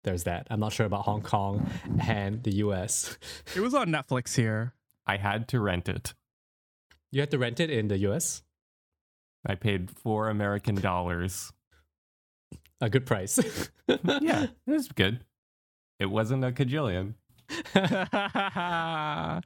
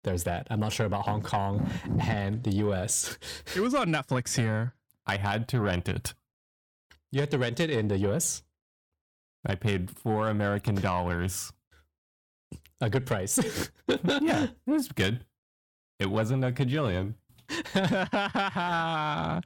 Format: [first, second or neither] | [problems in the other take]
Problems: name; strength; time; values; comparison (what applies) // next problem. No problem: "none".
first | distortion; slight; 10 dB below the speech